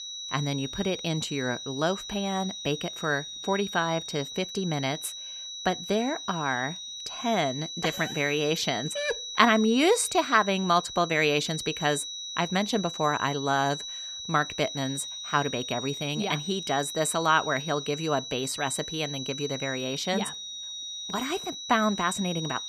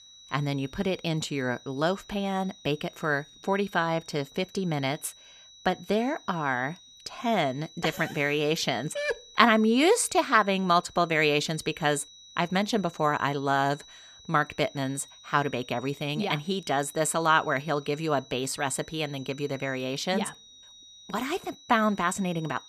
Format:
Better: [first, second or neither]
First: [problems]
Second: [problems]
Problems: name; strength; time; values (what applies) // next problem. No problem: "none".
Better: second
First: high-pitched whine; loud; throughout; 4 kHz, 7 dB below the speech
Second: high-pitched whine; faint; throughout; 4 kHz, 20 dB below the speech